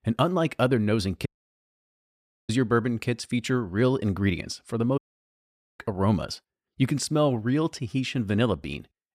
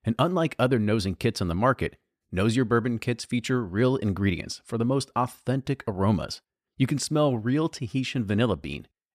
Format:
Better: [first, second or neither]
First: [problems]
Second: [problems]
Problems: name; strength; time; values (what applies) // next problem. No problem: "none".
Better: second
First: audio cutting out; at 1.5 s for 1 s and at 5 s for 1 s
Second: none